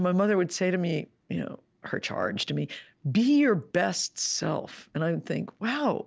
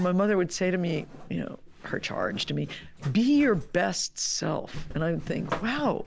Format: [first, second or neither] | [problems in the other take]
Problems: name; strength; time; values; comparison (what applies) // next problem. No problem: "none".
first | background sound (Zipper (clothing)); 13 dB below the speech